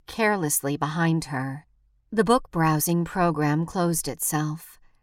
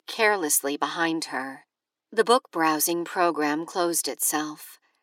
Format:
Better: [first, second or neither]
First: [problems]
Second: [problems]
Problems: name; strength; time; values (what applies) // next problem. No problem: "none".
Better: first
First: none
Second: thin; somewhat; fading below 300 Hz